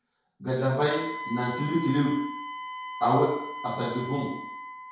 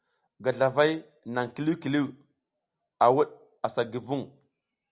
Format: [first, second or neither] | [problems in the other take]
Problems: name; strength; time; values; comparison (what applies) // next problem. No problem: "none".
second | background sound (Wind instrument, woodwind instrument); 9 dB below the speech // room echo; dies away in 0.6 s